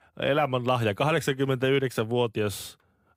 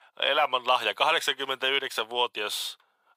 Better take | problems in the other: first | thin; very; fading below 750 Hz

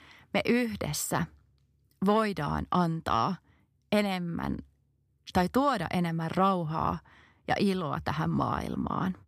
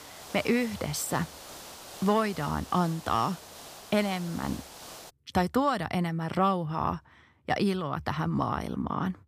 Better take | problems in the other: first | hiss; noticeable; until 5 s; 15 dB below the speech

